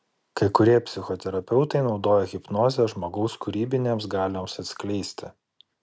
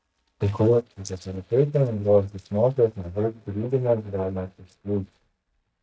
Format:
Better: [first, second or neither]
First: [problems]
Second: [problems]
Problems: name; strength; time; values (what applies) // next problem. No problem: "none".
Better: first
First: none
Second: noise reduction (neural mask model DeepFilterNet 3)